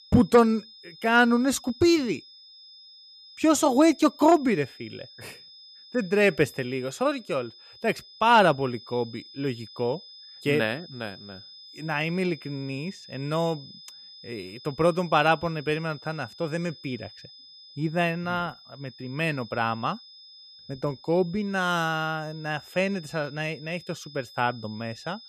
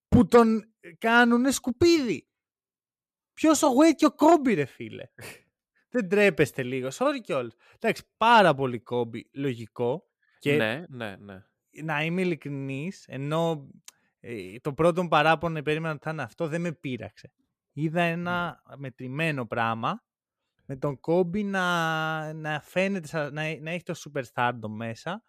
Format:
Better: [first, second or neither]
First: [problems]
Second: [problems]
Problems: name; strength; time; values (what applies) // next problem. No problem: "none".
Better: second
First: high-pitched whine; noticeable; throughout; 5 kHz, 20 dB below the speech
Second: none